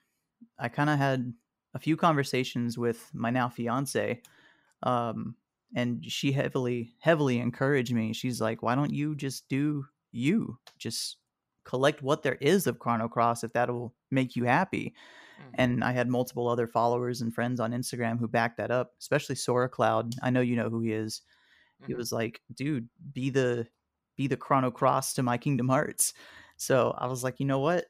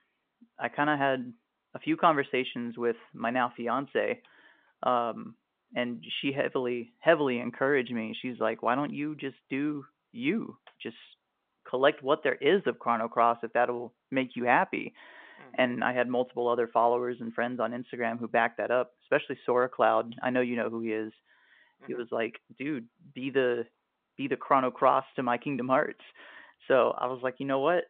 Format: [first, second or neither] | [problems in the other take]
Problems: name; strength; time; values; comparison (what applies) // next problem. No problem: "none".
first | phone-call audio